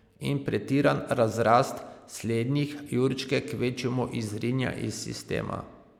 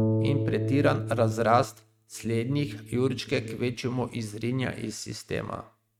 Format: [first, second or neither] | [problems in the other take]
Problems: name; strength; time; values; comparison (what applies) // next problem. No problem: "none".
first | noise reduction (neural mask model RNNoise)